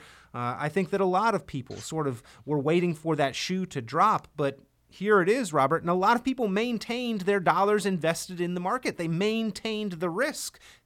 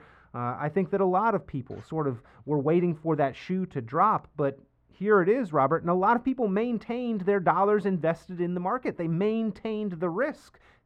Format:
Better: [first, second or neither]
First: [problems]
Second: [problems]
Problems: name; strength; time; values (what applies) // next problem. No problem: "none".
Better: first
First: none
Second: muffled; very; fading above 3 kHz